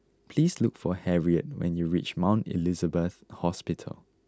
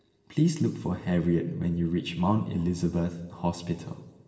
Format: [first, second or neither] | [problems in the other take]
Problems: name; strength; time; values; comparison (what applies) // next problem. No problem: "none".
first | room echo; dies away in 1.1 s